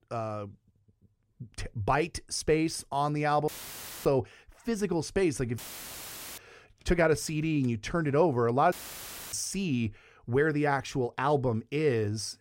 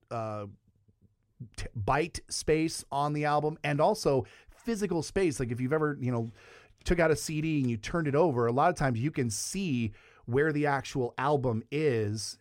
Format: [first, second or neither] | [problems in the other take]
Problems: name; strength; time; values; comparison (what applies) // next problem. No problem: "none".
second | audio cutting out; filled with static; at 3.5 s for 0.5 s, at 5.5 s for 1 s and at 8.5 s for 0.5 s